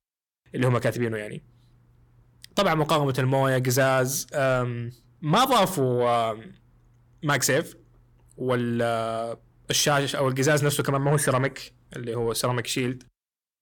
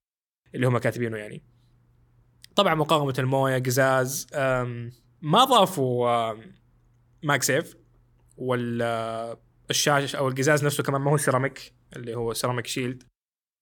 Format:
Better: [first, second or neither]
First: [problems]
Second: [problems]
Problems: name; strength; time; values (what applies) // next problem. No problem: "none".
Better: second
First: distortion; slight; 10 dB below the speech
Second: none